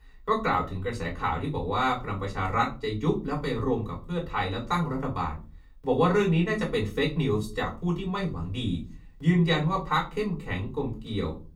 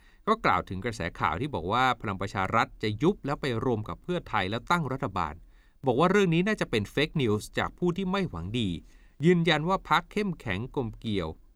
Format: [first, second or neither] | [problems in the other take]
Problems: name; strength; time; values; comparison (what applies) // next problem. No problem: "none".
second | off-mic speech; far // room echo; very slight; dies away in 0.3 s